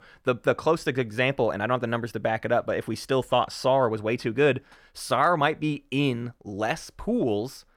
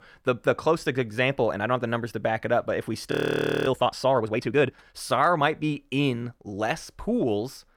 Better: first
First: none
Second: audio freezing; at 3 s for 0.5 s

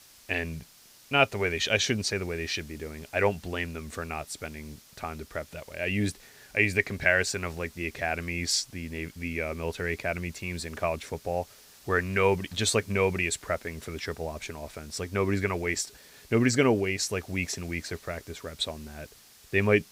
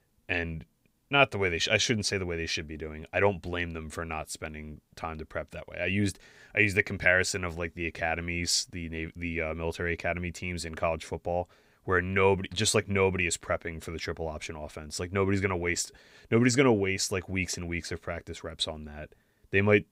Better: second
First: hiss; faint; throughout; 25 dB below the speech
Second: none

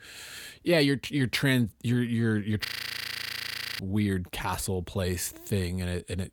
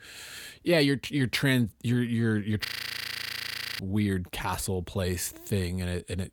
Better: neither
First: audio freezing; at 2.5 s for 1 s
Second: audio freezing; at 2.5 s for 1 s

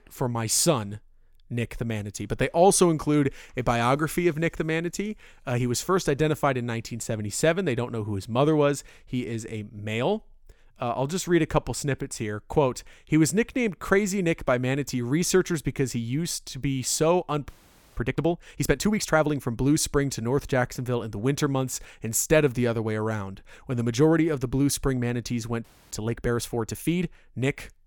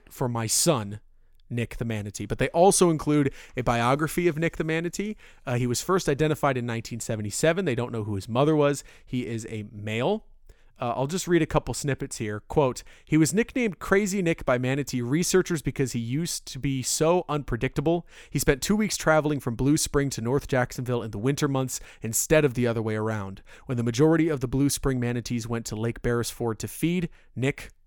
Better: second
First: audio freezing; at 17 s and at 26 s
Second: none

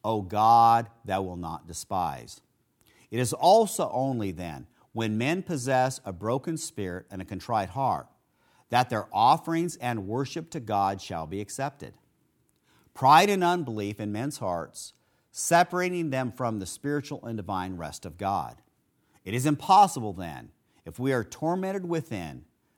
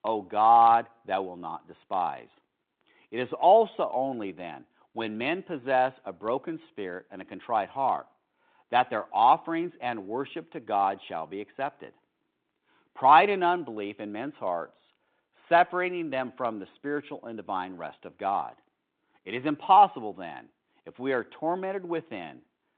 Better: first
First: none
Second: phone-call audio; nothing above 4 kHz

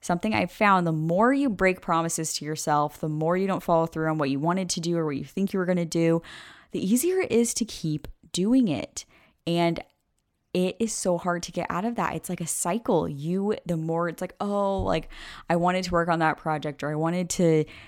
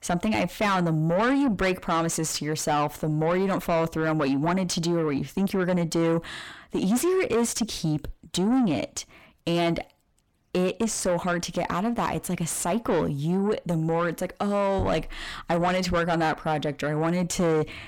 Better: first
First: none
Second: distortion; heavy; 7 dB below the speech

